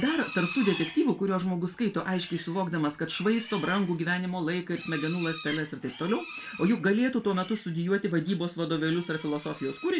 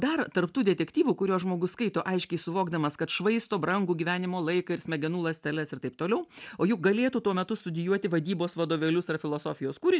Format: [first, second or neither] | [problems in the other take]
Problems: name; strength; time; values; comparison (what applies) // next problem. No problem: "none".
second | background sound (Livestock, farm animals, working animals); 15 dB below the speech // room echo; dies away in 0.2 s